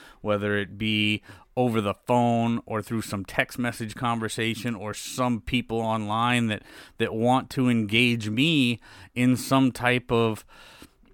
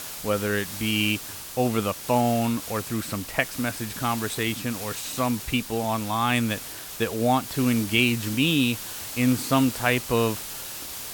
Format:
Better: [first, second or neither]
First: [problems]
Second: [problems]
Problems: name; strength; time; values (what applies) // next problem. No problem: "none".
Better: first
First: none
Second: hiss; loud; throughout; 9 dB below the speech